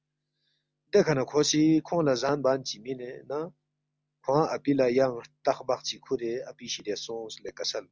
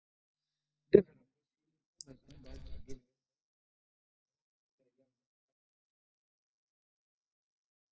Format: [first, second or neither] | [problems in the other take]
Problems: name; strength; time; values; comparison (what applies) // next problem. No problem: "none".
first | noise reduction (neural mask model DeepFilterNet 3)